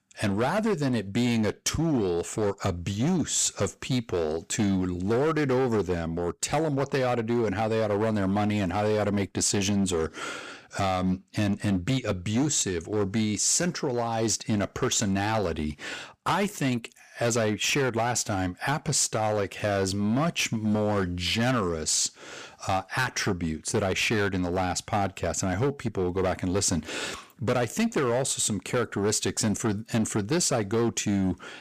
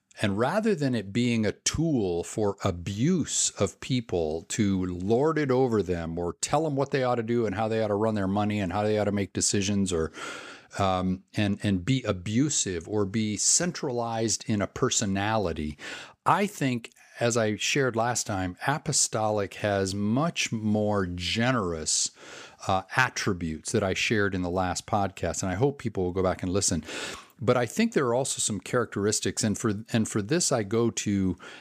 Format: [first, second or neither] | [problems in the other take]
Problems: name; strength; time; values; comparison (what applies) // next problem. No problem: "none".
second | distortion; slight; 11% of the sound clipped